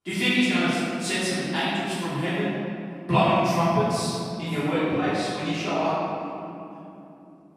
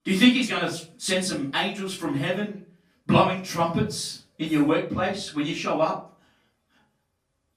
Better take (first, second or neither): second